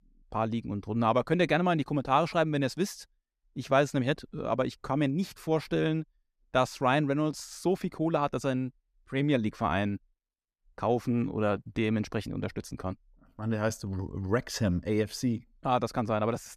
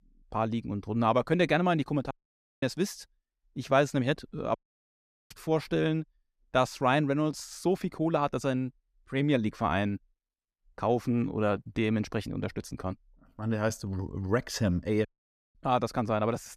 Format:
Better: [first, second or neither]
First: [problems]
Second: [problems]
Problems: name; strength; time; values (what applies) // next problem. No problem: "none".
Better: first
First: none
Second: audio cutting out; at 2 s for 0.5 s, at 4.5 s for 1 s and at 15 s for 0.5 s